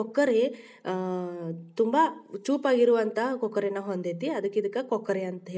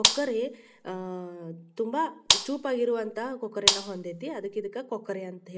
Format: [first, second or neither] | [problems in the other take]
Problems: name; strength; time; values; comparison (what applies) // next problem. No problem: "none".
first | background sound (Gunshot, gunfire); 3 dB above the speech